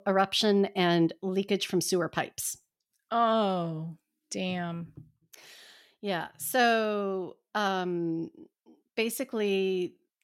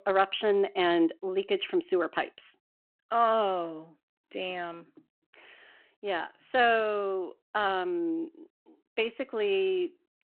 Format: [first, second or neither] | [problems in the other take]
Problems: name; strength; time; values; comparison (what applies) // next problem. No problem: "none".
first | phone-call audio